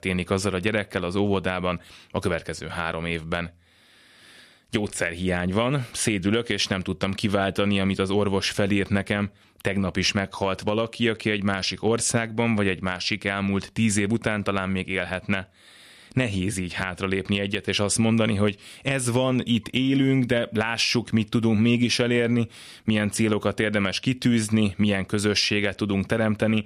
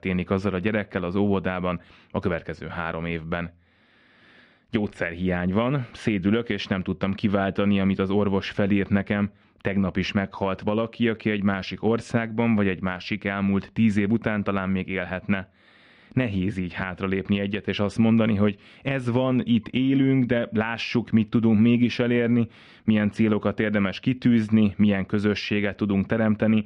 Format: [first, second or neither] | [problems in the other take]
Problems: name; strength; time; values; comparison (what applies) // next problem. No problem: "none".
first | muffled; slightly; fading above 2.5 kHz